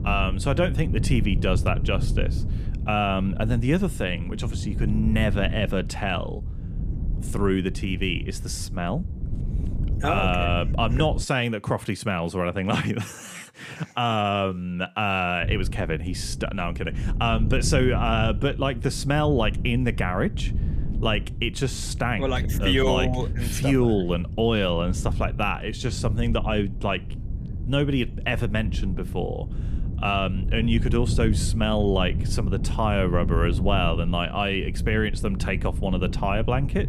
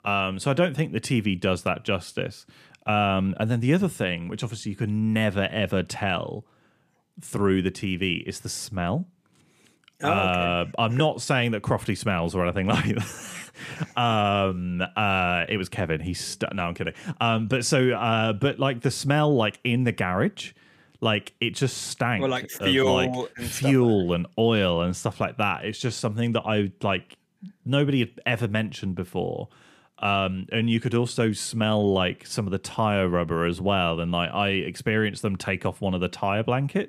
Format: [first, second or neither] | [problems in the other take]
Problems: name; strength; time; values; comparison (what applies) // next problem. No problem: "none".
second | wind noise on the microphone; occasional gusts; until 11 s and from 15 s on; 15 dB below the speech